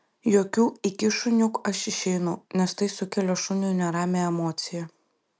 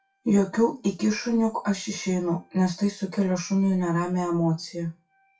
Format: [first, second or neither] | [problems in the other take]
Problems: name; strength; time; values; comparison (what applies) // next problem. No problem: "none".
first | noise reduction (classical method WPE with log-MMSE)